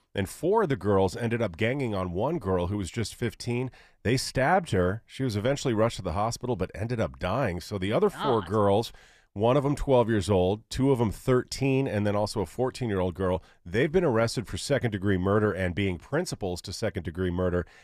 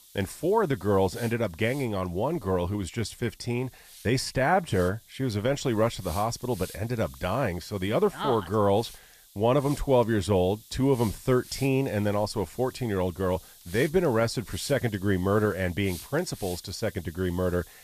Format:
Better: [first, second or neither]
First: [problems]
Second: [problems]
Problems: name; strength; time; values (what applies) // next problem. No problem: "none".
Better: first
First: none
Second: hiss; noticeable; throughout; 20 dB below the speech